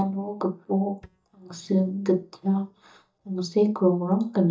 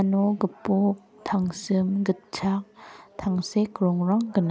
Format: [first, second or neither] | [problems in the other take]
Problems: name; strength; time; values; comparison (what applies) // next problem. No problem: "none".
second | noise reduction (neural mask model DeepFilterNet 3)